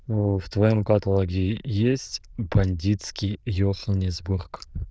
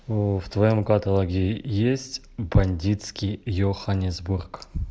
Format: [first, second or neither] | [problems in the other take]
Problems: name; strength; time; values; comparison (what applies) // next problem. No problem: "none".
second | noise reduction (neural diffusion model UNIVERSE++)